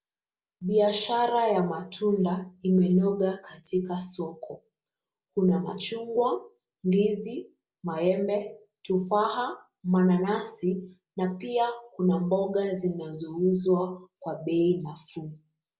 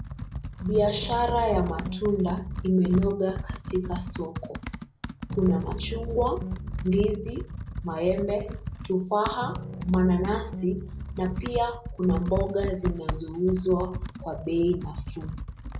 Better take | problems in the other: first | background sound (Piano + Computer keyboard); 6 dB below the speech

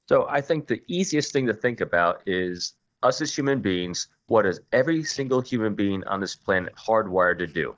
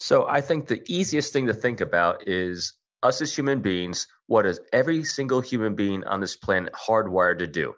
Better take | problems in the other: second | noise reduction (neural mask model DeepFilterNet 3)

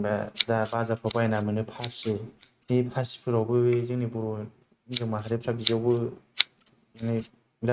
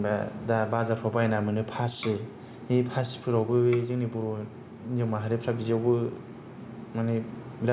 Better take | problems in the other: second | noise reduction (neural mask model RNNoise)

